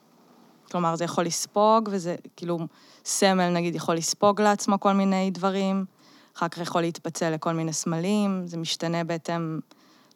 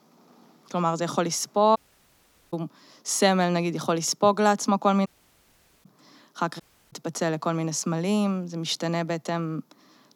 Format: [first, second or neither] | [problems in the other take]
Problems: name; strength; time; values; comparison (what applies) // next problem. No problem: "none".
first | audio cutting out; at 2 s for 1 s, at 5 s for 1 s and at 6.5 s